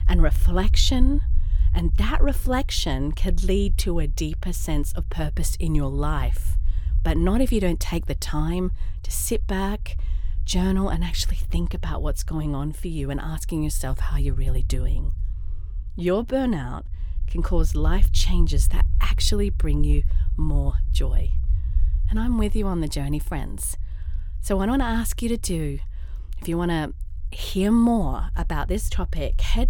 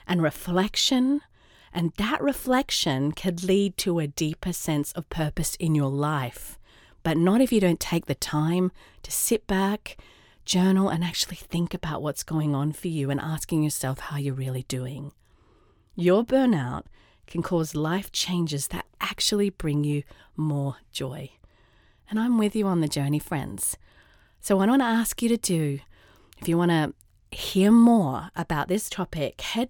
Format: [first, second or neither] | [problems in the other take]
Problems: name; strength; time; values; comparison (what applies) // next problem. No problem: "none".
second | low rumble; noticeable; throughout; 20 dB below the speech